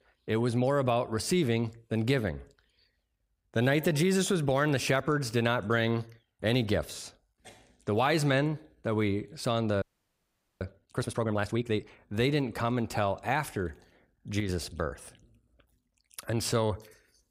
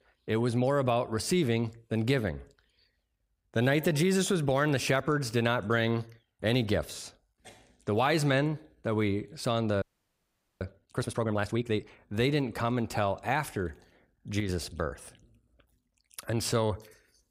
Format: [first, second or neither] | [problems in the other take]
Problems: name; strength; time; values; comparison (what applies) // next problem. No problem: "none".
neither | audio freezing; at 10 s for 1 s; the same in both